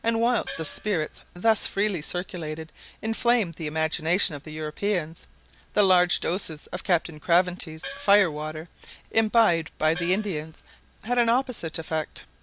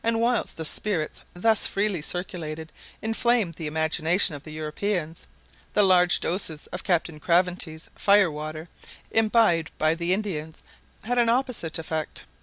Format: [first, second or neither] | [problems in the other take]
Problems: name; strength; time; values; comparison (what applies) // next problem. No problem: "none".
second | background sound (Gong); 15 dB below the speech